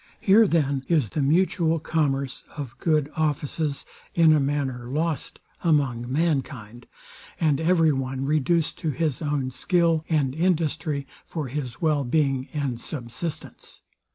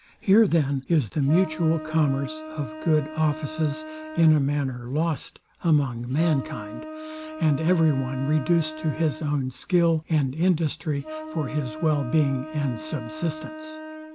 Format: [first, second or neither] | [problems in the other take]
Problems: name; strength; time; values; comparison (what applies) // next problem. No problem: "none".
first | background sound (Wind instrument, woodwind instrument); 13 dB below the speech